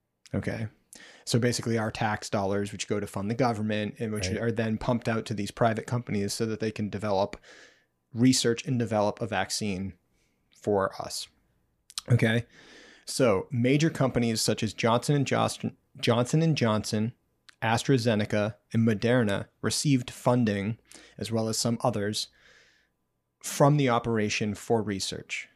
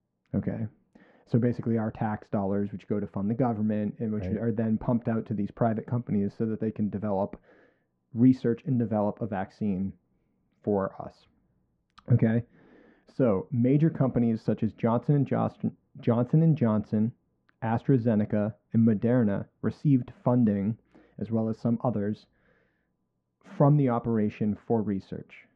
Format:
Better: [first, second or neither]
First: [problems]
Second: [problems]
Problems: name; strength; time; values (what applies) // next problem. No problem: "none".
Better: first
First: none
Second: muffled; very; fading above 1 kHz